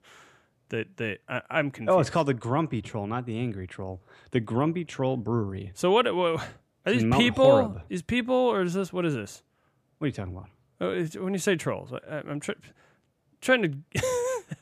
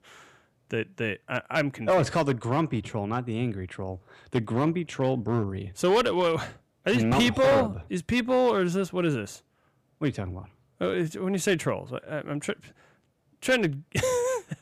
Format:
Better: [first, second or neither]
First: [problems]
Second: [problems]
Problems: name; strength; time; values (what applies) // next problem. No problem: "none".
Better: first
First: none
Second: distortion; slight; 4% of the sound clipped